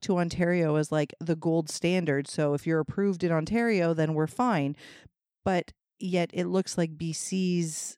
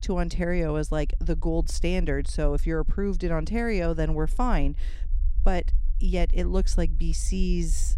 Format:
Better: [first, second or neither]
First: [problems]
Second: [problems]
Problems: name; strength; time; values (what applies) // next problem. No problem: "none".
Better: first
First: none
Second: low rumble; faint; throughout; 25 dB below the speech